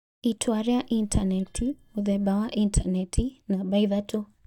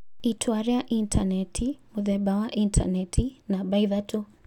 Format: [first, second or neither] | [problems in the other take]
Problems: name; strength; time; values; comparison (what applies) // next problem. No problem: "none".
second | noise reduction (neural mask model DeepFilterNet 3)